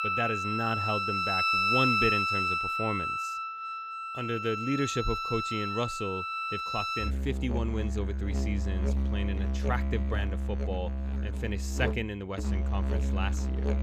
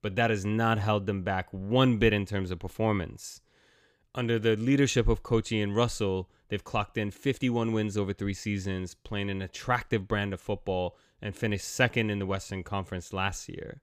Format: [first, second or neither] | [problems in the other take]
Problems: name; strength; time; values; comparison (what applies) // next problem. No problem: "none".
second | background music; very loud; throughout; 4 dB above the speech